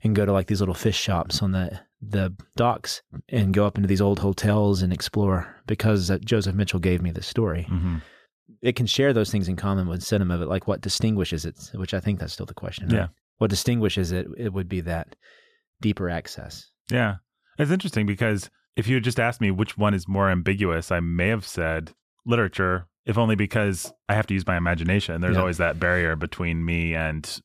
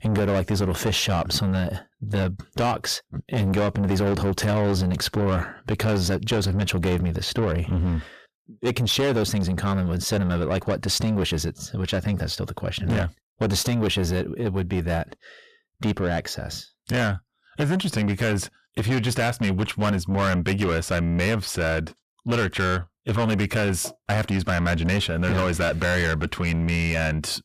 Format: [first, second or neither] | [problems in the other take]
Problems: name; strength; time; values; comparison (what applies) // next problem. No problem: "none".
first | distortion; heavy; 7 dB below the speech